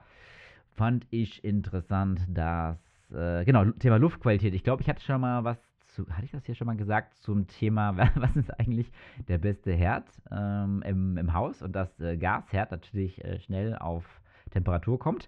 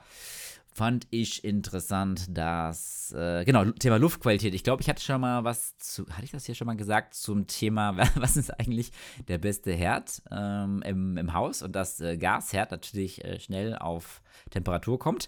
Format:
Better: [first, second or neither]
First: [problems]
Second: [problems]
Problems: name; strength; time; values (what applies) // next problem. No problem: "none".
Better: second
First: muffled; very; fading above 2.5 kHz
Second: none